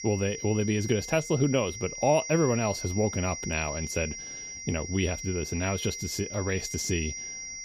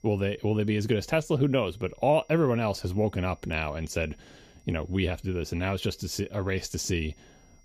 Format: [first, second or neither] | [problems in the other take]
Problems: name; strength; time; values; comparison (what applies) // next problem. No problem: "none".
second | high-pitched whine; loud; throughout; 5.5 kHz, 7 dB below the speech; faint in the second